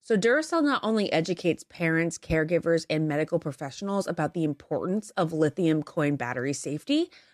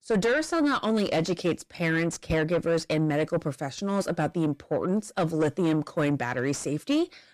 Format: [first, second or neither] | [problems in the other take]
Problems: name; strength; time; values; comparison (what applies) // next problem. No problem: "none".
first | distortion; slight; 10 dB below the speech